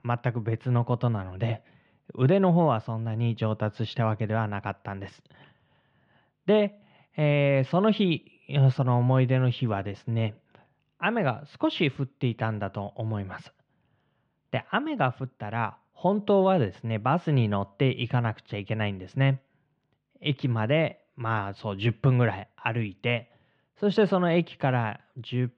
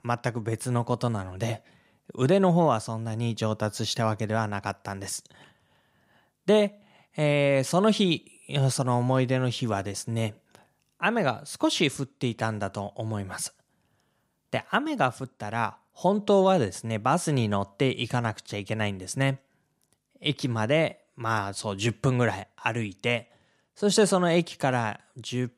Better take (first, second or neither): second